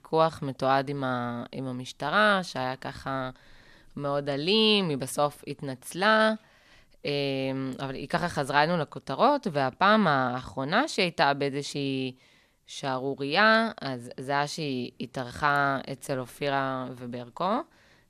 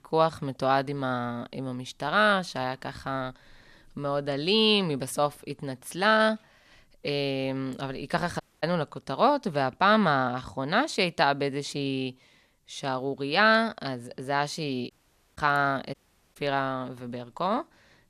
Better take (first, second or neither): first